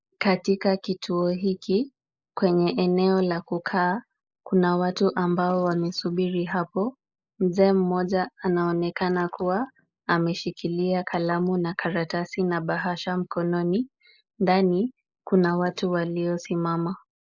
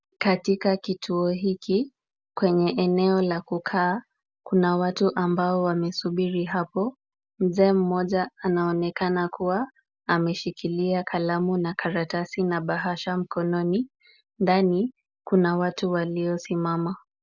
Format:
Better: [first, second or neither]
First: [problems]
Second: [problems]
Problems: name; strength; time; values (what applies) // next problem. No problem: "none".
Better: second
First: noise reduction (neural mask model Resemble Enhance denoiser)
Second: none